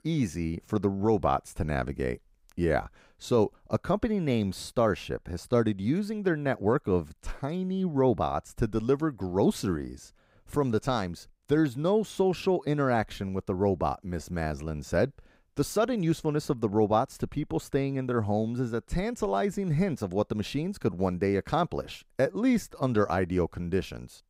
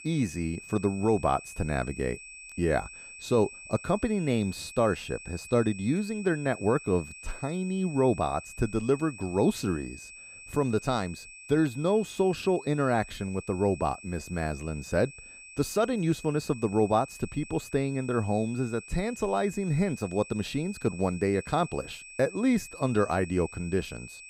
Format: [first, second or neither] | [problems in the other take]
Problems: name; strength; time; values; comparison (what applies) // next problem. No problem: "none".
first | high-pitched whine; noticeable; throughout; 2.5 kHz, 15 dB below the speech